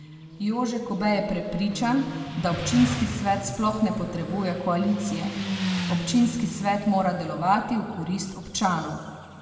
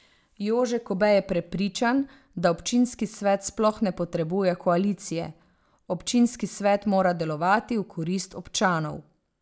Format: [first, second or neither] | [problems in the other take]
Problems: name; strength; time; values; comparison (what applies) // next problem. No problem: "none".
second | background sound (Motorcycle); 8 dB below the speech // room echo; dies away in 1.9 s